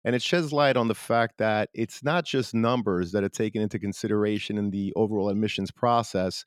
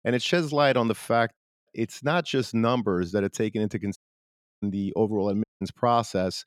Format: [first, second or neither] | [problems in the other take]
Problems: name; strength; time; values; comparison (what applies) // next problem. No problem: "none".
first | audio cutting out; at 1.5 s, at 4 s for 0.5 s and at 5.5 s